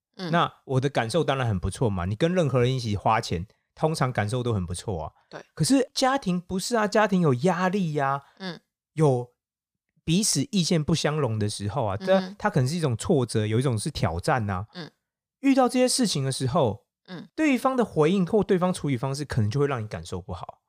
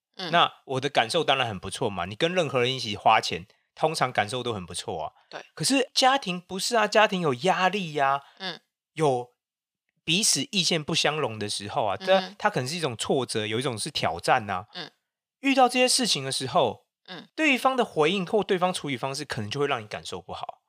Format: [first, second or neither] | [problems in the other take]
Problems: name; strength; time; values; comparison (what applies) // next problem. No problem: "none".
first | thin; somewhat; fading below 850 Hz